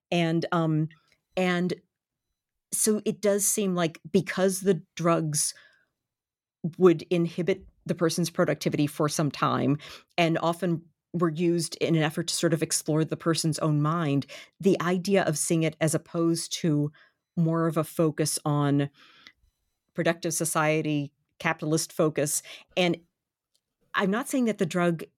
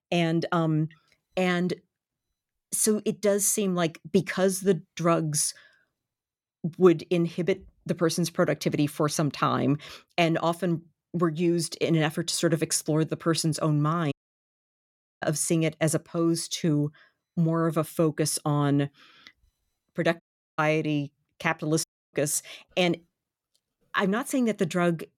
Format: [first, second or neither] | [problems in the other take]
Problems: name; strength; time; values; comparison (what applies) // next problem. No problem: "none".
first | audio cutting out; at 14 s for 1 s, at 20 s and at 22 s